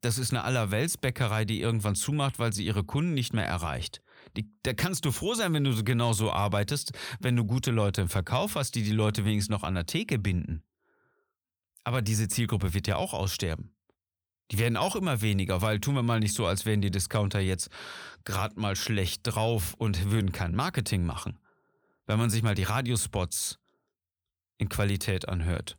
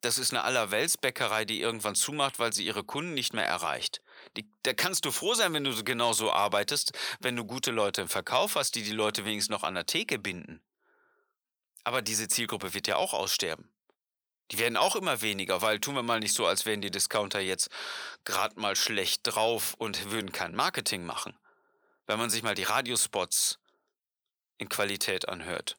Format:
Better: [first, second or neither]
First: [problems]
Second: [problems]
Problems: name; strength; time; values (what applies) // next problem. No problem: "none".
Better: first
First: none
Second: thin; very; fading below 400 Hz